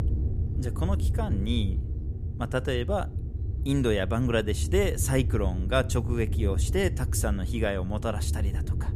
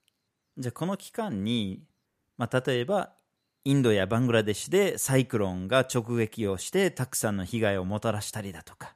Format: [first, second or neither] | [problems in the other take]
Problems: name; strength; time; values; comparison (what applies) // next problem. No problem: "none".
second | wind noise on the microphone; occasional gusts; 15 dB below the speech